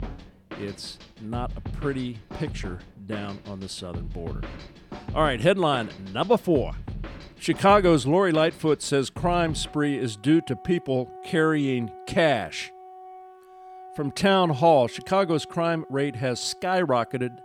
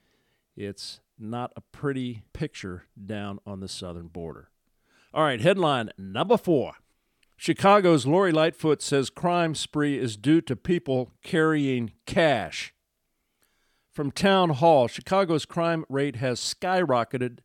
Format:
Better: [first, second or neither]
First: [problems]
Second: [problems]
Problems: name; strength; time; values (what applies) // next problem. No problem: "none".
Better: second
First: background music; noticeable; throughout; 15 dB below the speech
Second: none